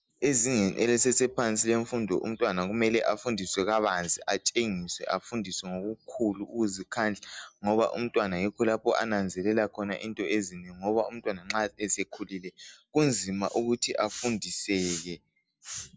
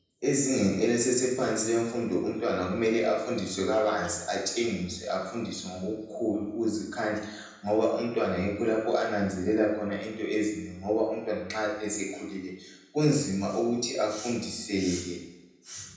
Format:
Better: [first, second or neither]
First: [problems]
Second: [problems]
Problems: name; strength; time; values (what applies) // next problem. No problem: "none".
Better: first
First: none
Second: room echo; dies away in 0.9 s